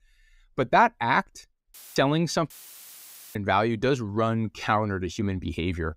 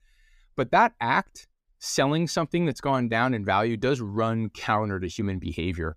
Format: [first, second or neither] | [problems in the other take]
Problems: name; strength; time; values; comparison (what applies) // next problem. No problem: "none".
second | audio cutting out; filled with static; at 1.5 s and at 2.5 s for 1 s